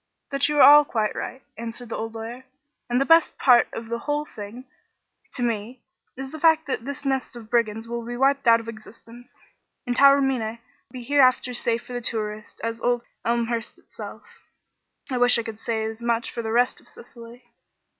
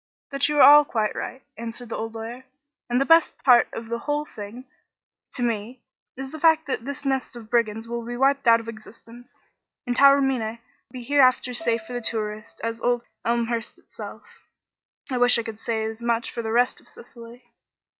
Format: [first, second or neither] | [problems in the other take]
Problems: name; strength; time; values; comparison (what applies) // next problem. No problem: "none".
first | noise reduction (neural mask model DeepFilterNet 3)